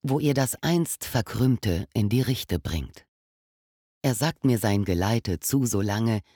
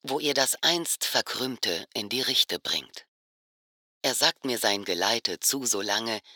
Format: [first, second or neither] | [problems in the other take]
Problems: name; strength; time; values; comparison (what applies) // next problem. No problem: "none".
first | thin; very; fading below 550 Hz